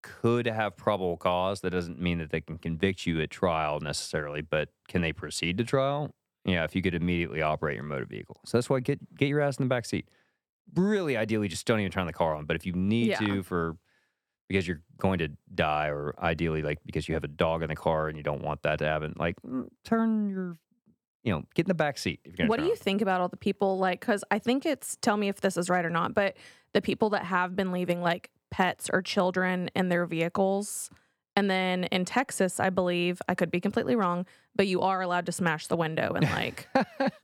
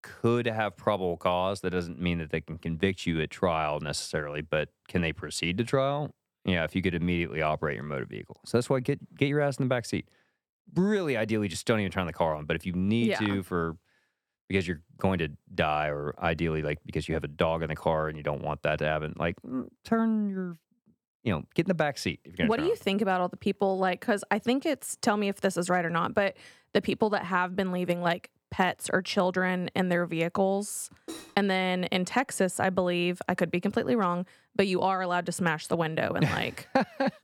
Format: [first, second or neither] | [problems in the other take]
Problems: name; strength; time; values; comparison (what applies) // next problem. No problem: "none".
first | clattering dishes; faint; at 31 s; peak 15 dB below the speech